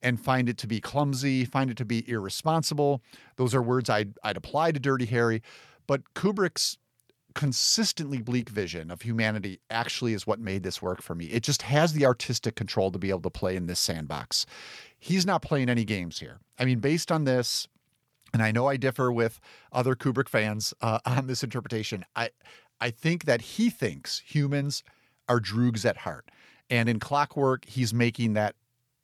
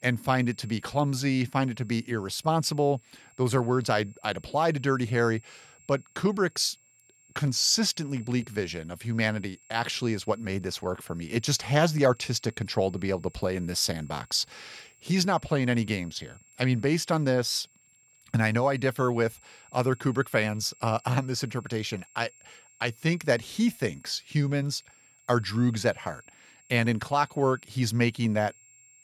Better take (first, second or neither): first